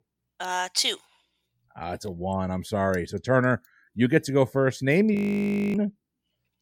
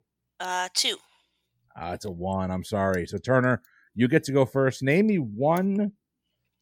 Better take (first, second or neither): second